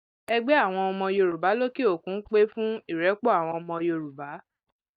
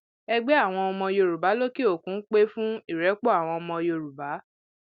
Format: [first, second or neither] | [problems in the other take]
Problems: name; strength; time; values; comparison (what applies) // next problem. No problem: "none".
second | noise reduction (neural mask model DeepFilterNet 3)